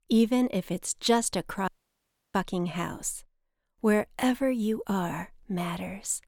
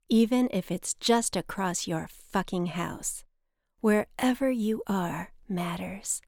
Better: second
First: audio cutting out; at 1.5 s for 0.5 s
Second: none

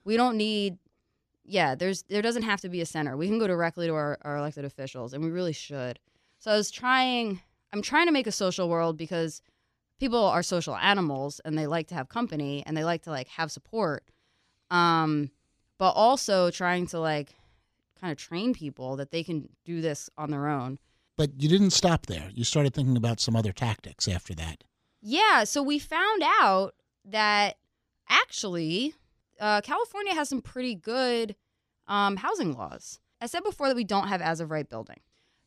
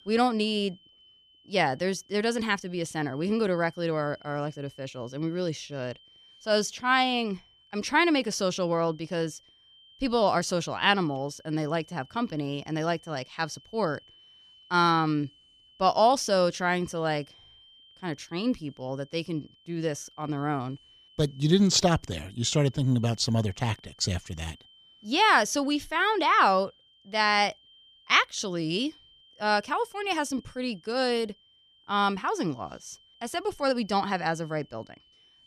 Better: first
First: none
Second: high-pitched whine; faint; throughout; 3 kHz, 30 dB below the speech

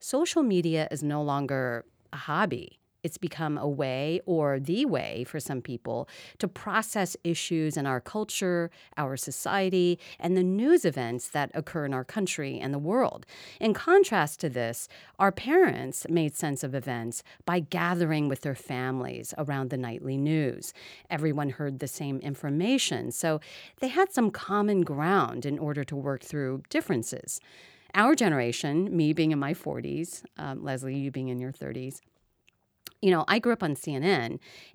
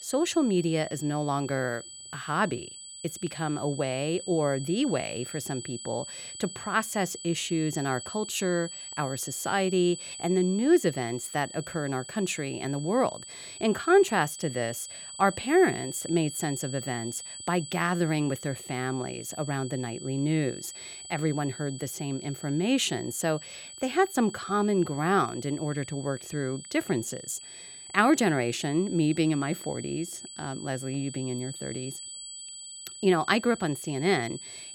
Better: first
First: none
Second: high-pitched whine; noticeable; throughout; 8 kHz, 10 dB below the speech

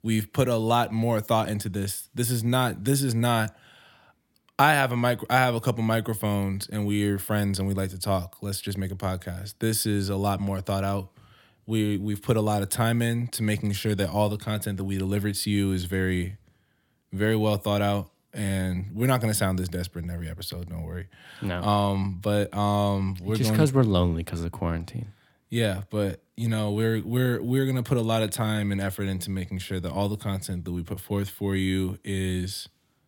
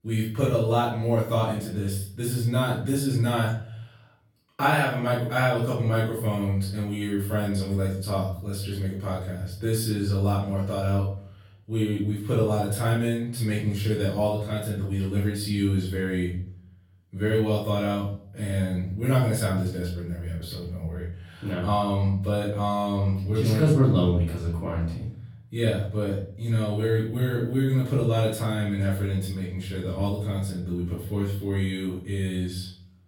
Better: first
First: none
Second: off-mic speech; far // room echo; noticeable; dies away in 0.6 s

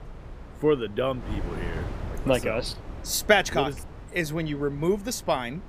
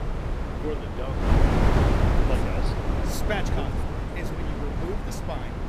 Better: first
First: wind noise on the microphone; occasional gusts; 20 dB below the speech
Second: wind noise on the microphone; heavy; 5 dB above the speech

